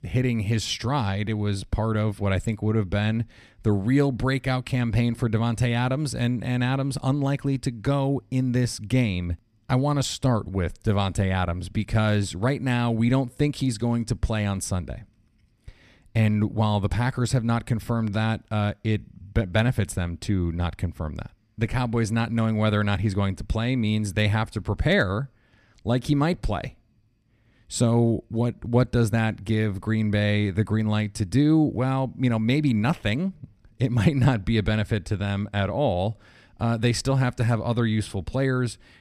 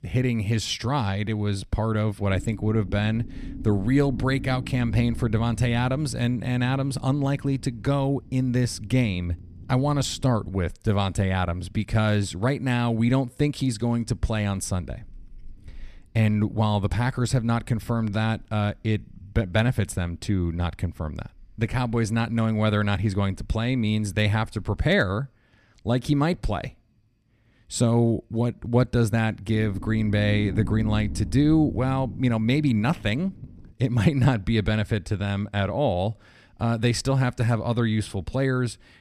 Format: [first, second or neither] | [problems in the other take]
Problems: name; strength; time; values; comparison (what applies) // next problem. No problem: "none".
first | low rumble; noticeable; from 2.5 to 11 s, from 14 to 25 s and from 30 to 34 s; 15 dB below the speech